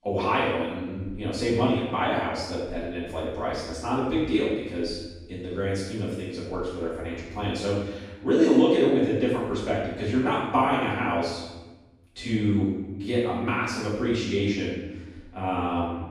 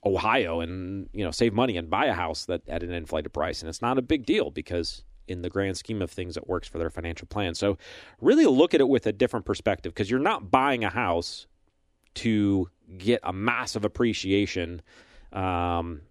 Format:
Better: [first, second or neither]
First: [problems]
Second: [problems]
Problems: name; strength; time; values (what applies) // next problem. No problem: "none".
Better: second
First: off-mic speech; far // room echo; strong; dies away in 1 s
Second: none